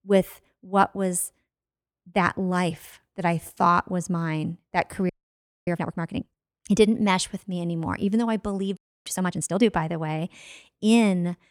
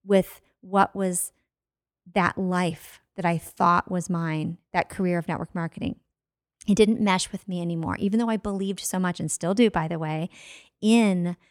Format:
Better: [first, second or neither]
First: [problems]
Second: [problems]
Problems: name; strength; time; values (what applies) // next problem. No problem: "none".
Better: second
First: audio freezing; at 5 s for 0.5 s and at 9 s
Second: none